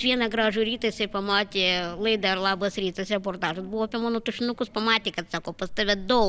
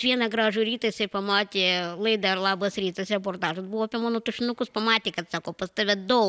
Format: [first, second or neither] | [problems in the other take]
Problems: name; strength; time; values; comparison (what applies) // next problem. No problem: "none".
second | background sound (Wind); 14 dB below the speech